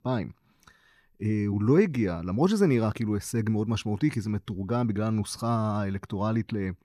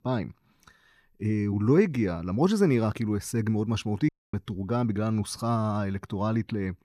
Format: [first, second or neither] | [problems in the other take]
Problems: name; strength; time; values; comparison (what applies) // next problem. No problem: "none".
first | audio cutting out; at 4 s